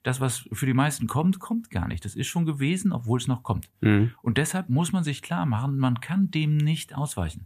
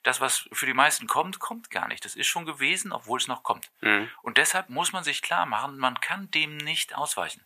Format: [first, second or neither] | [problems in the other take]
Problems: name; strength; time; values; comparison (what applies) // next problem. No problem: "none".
first | thin; very; fading below 750 Hz